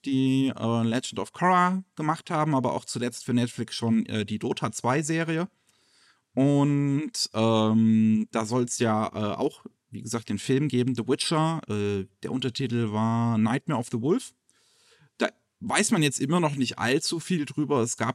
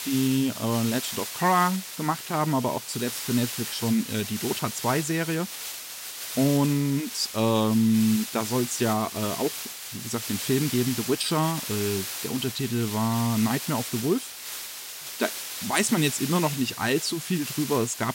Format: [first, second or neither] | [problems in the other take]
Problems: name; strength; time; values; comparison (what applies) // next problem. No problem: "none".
first | hiss; loud; throughout; 7 dB below the speech